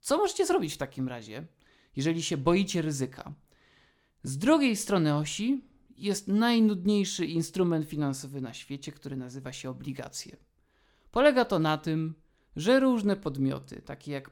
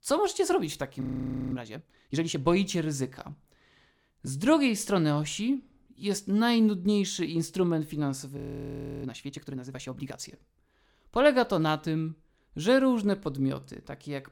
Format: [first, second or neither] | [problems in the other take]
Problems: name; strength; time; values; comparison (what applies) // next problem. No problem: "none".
first | audio freezing; at 1 s for 0.5 s and at 8.5 s for 0.5 s